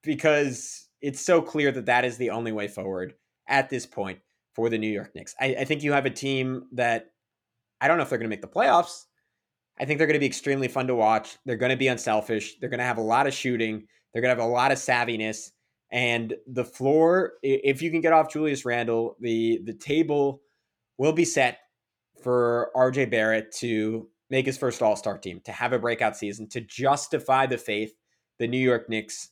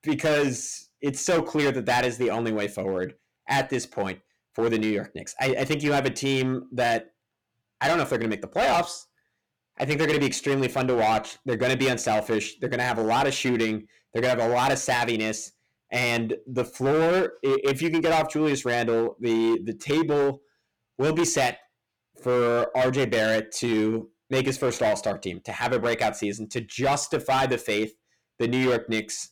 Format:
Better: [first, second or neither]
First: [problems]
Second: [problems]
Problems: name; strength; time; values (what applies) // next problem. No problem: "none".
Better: first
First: none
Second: distortion; heavy; 12% of the sound clipped